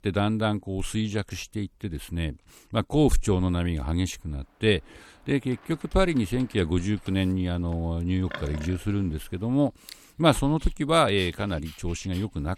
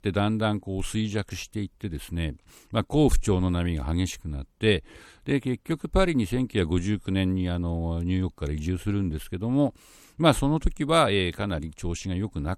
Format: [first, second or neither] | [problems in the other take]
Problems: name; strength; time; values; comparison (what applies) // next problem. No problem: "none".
second | animal sounds; noticeable; from 4.5 s on; 20 dB below the speech